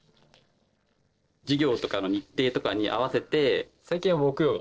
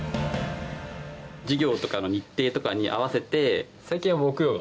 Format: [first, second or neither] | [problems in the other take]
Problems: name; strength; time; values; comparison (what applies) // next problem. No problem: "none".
second | noise reduction (neural separator model SepFormer DNS4)